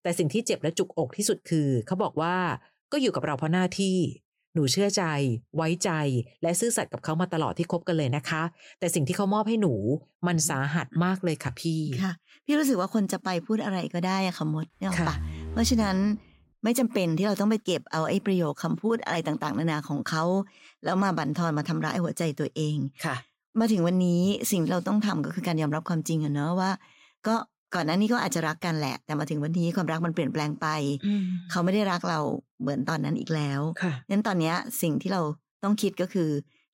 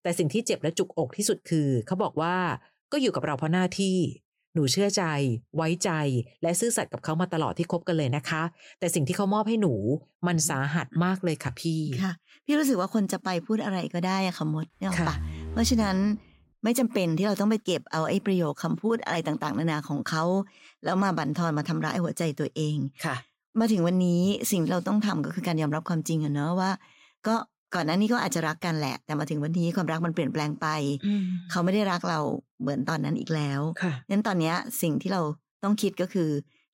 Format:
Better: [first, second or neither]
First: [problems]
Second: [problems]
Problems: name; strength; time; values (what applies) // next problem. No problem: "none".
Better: neither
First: door banging; noticeable; from 15 to 16 s; peak 7 dB below the speech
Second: door banging; noticeable; from 15 to 16 s; peak 7 dB below the speech